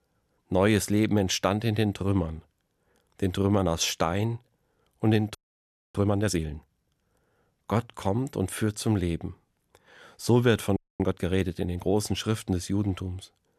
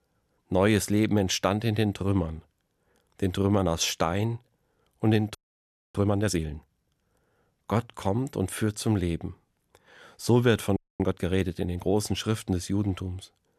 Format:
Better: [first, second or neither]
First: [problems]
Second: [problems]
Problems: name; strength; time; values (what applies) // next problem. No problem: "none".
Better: neither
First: audio freezing; at 5.5 s for 0.5 s and at 11 s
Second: audio freezing; at 5.5 s for 0.5 s and at 11 s